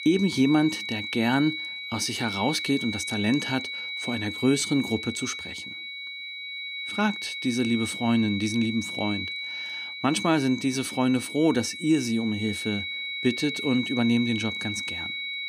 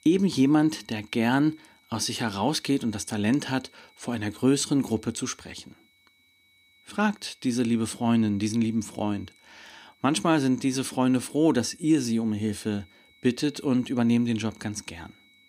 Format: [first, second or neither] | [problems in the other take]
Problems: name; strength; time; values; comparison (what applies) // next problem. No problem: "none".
second | high-pitched whine; loud; throughout; 2.5 kHz, 5 dB below the speech; faint in the second